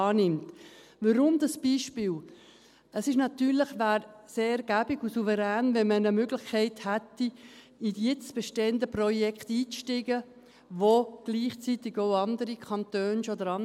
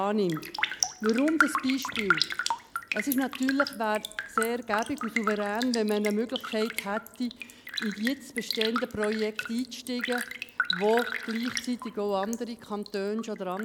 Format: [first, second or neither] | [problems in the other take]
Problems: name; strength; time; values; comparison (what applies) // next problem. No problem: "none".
first | background sound (Raindrop); 4 dB below the speech